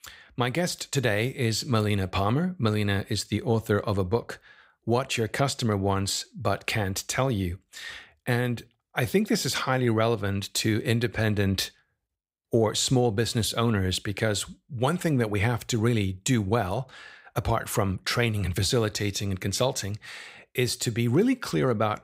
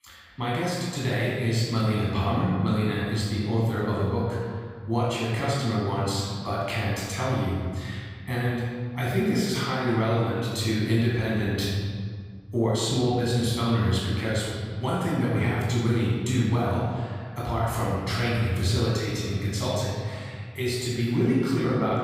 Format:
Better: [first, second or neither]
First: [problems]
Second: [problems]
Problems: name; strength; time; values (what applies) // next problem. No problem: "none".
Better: first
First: none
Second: room echo; strong; dies away in 2.1 s // off-mic speech; far